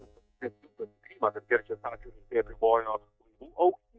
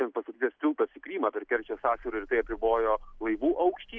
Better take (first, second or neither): second